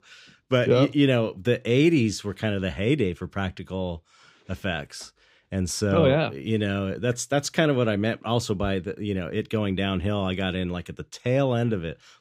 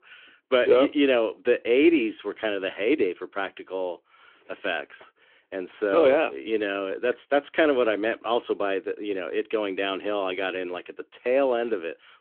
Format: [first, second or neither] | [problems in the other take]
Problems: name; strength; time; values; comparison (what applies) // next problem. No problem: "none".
first | phone-call audio